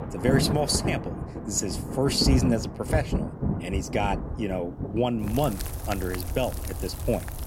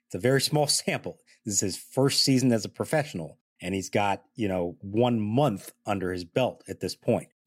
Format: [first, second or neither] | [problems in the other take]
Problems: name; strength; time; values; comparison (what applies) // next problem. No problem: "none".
second | rain or running water; loud; throughout; 3 dB below the speech